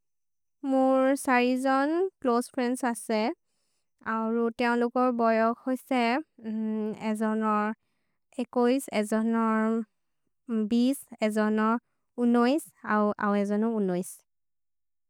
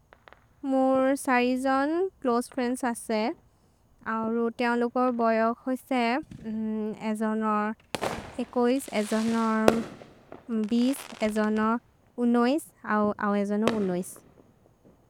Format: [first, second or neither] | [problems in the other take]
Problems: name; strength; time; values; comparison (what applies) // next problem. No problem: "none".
first | background sound (Fireworks); 12 dB below the speech